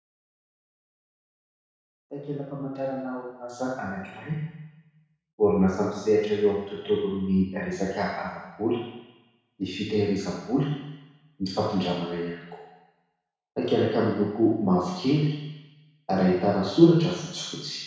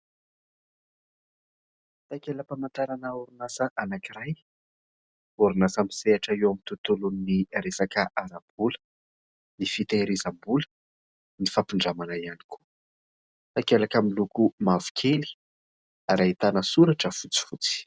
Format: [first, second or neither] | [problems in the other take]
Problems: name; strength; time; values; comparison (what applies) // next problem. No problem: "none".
second | room echo; dies away in 1.1 s